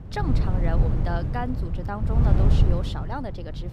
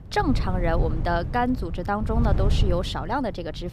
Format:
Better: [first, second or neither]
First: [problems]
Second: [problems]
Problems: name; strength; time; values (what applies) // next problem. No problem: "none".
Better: second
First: wind noise on the microphone; heavy; 3 dB below the speech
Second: wind noise on the microphone; occasional gusts; 15 dB below the speech